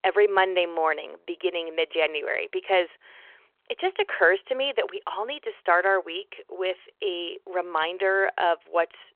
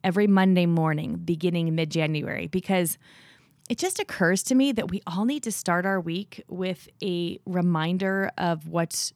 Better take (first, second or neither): second